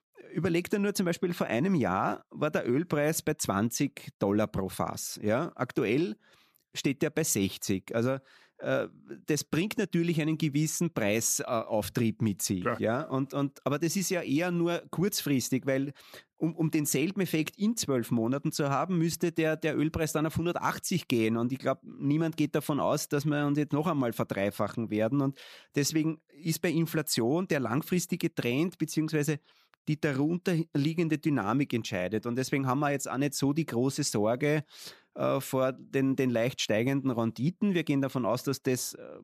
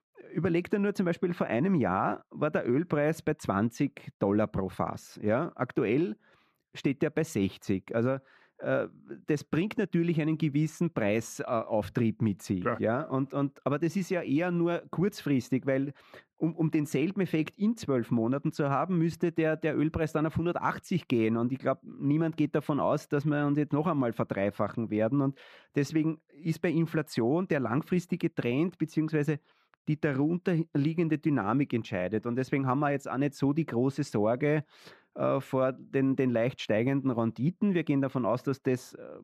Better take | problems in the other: first | muffled; slightly; fading above 3.5 kHz

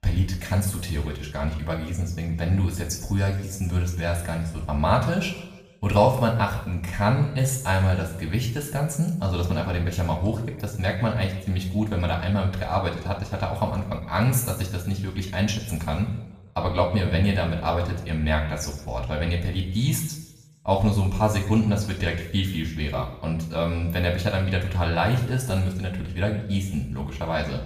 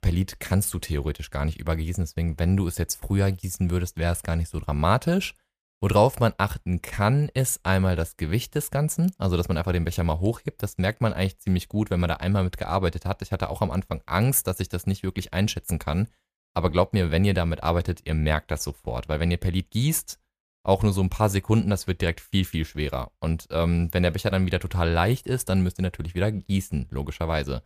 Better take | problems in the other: second | room echo; noticeable; dies away in 0.9 s // off-mic speech; far

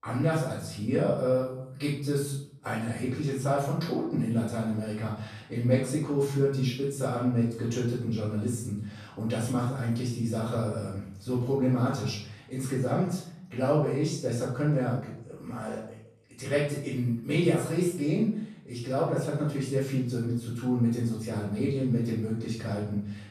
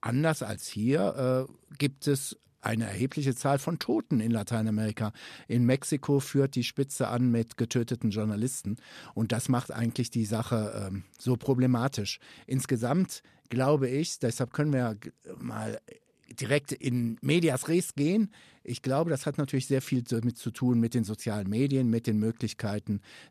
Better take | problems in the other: second | off-mic speech; far // room echo; noticeable; dies away in 0.6 s

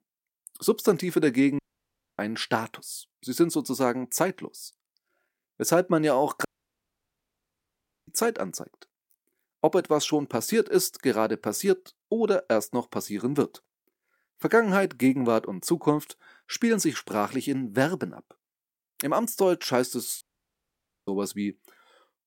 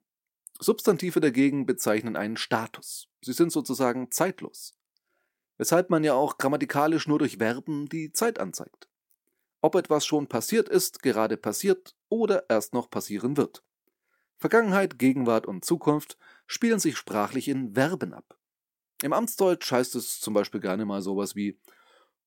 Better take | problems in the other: second | audio cutting out; at 1.5 s for 0.5 s, at 6.5 s for 1.5 s and at 20 s for 1 s

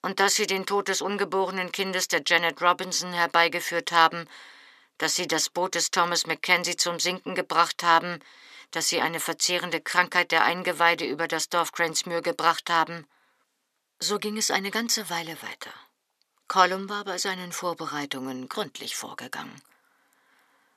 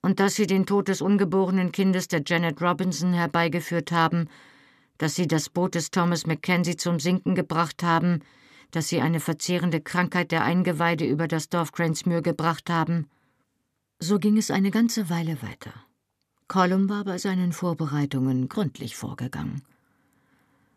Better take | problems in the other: second | thin; very; fading below 550 Hz

